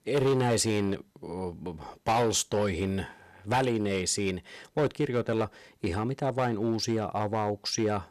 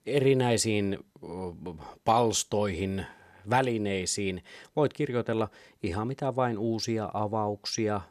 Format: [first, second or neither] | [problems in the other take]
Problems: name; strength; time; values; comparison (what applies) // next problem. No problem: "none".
second | distortion; slight; 6% of the sound clipped